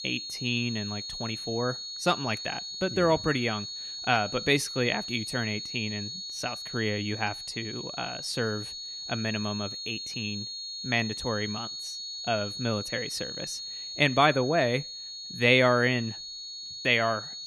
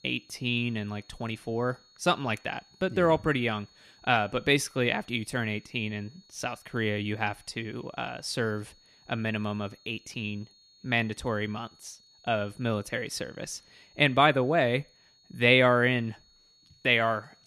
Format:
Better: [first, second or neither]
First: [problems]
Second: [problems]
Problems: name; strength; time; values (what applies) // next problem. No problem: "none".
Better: second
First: high-pitched whine; loud; throughout; 4.5 kHz, 7 dB below the speech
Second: high-pitched whine; faint; throughout; 4.5 kHz, 30 dB below the speech